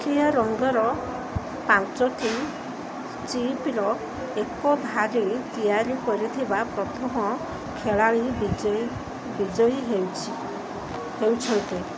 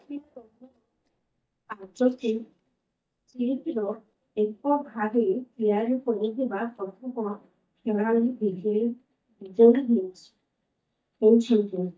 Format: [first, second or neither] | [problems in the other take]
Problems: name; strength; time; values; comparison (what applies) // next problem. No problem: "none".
first | noise reduction (neural mask model DeepFilterNet 3)